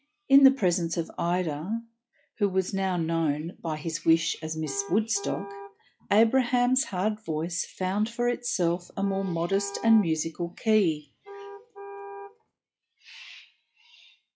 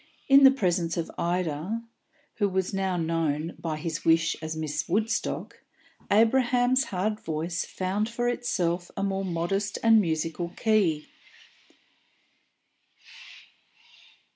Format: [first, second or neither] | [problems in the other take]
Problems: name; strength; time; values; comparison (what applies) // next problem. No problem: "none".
second | noise reduction (classical method log-MMSE)